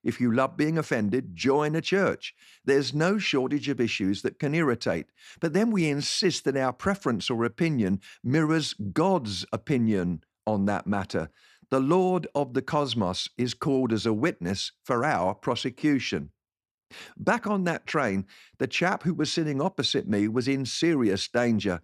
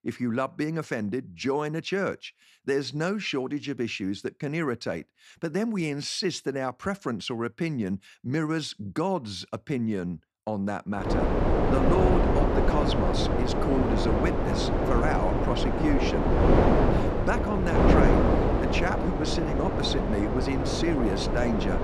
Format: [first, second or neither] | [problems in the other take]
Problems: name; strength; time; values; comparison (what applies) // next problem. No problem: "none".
first | wind noise on the microphone; heavy; from 11 s on; 3 dB above the speech